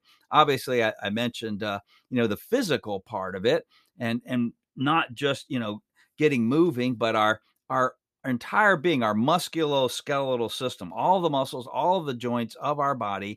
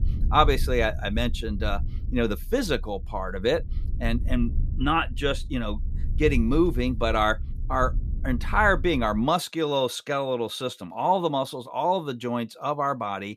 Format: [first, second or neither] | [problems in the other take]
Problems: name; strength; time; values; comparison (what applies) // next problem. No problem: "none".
first | low rumble; faint; until 9 s; 25 dB below the speech